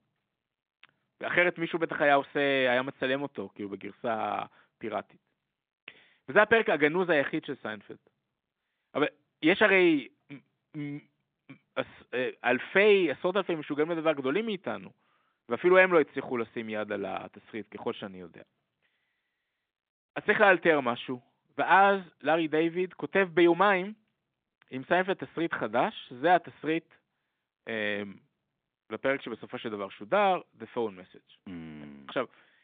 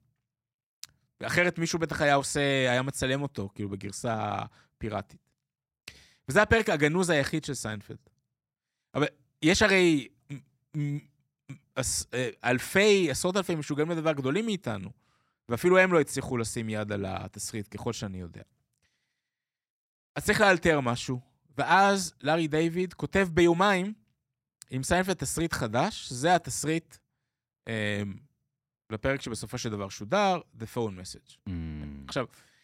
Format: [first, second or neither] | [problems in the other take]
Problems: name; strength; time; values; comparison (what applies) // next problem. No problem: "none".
second | phone-call audio; nothing above 3.5 kHz